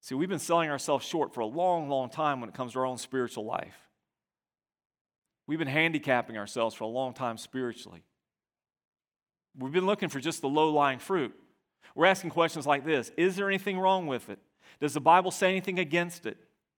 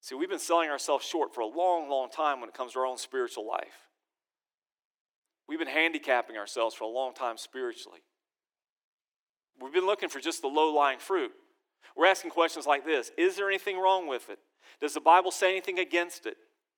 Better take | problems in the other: first | thin; somewhat; fading below 350 Hz

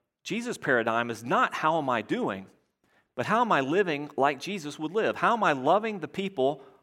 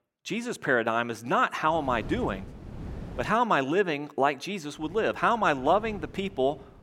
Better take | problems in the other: first | wind noise on the microphone; occasional gusts; from 1.5 to 3.5 s and from 5 s on; 25 dB below the speech

